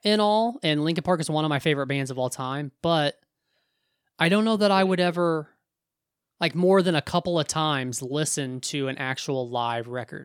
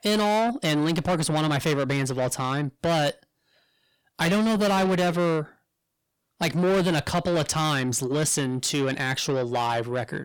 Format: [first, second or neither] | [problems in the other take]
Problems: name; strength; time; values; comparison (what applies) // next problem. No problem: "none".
first | distortion; heavy; 7 dB below the speech